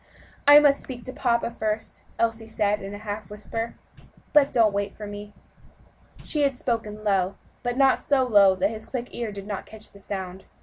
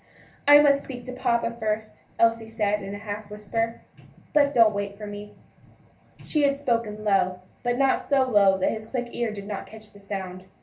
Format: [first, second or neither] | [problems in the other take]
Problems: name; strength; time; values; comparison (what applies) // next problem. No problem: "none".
first | room echo; dies away in 0.3 s